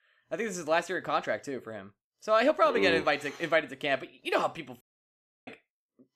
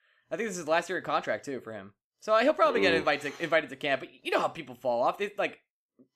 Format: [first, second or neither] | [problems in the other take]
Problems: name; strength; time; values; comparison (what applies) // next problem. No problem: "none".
second | audio cutting out; at 5 s for 0.5 s